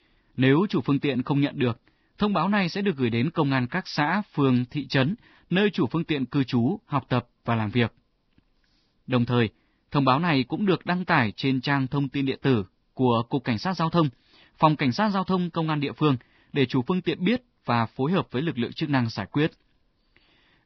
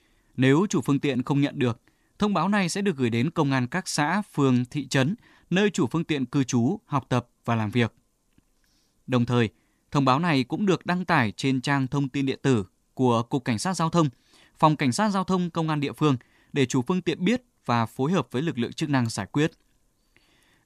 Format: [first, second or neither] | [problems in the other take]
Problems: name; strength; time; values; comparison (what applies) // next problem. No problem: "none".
second | garbled, watery; badly; nothing above 5.5 kHz